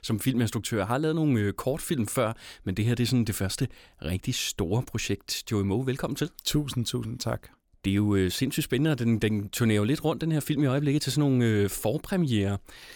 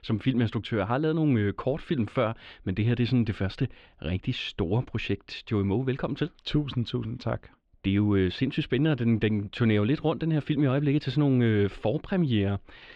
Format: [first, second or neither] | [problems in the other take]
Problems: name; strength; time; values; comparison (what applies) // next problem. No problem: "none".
first | muffled; slightly; fading above 3 kHz